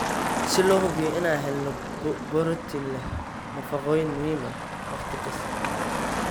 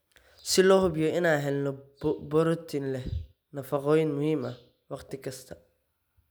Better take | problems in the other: second | background sound (Motor vehicle (road)); 2 dB below the speech

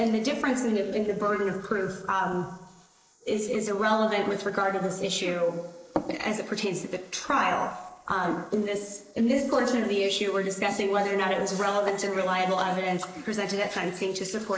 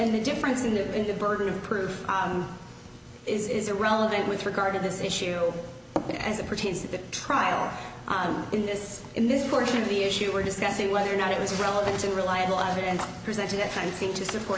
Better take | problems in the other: second | noise reduction (neural mask model Resemble Enhance denoiser)

